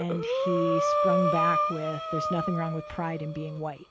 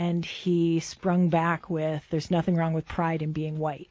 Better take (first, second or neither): second